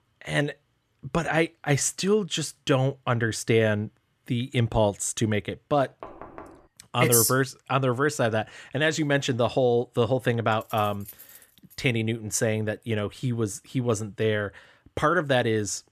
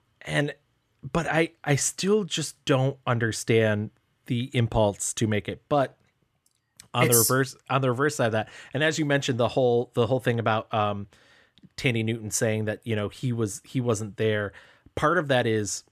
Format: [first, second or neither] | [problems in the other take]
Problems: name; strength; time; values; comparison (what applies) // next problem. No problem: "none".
second | door banging; faint; at 6 s; peak 20 dB below the speech // jangling keys; faint; from 11 to 12 s; peak 20 dB below the speech